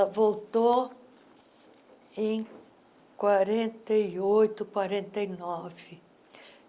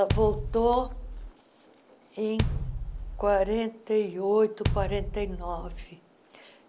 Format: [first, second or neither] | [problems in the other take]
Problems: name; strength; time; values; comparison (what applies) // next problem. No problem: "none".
first | background sound (Bass drum); 4 dB below the speech